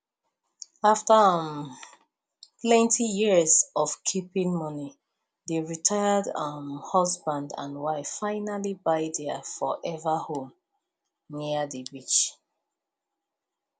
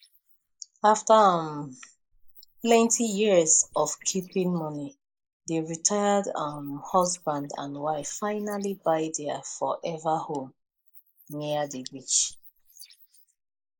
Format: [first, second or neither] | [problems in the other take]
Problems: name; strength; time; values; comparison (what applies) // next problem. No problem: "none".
first | noise reduction (neural mask model Resemble Enhance denoiser)